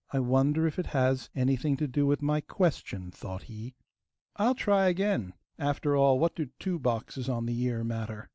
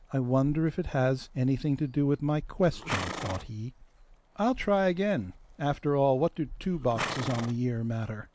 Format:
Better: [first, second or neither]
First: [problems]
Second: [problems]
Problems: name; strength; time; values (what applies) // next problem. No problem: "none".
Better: first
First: none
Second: background sound (Livestock, farm animals, working animals); 13 dB below the speech